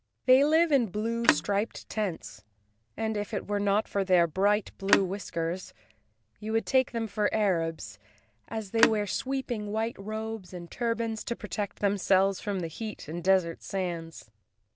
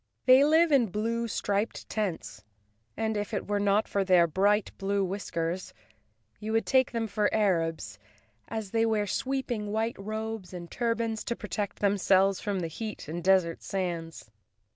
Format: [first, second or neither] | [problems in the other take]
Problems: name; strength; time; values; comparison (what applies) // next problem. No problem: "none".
second | background sound (Telephone); 4 dB below the speech